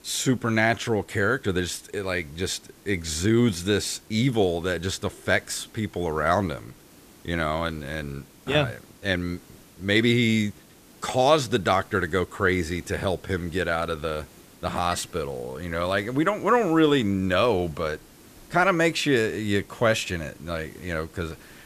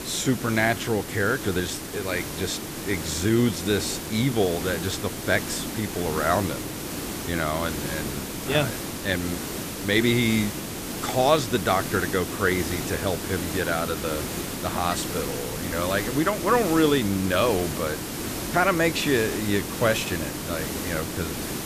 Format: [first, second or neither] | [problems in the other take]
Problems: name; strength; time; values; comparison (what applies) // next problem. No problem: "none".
first | hiss; loud; throughout; 5 dB below the speech; faint in the first